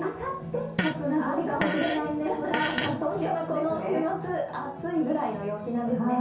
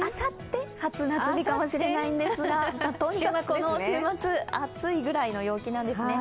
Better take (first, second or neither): second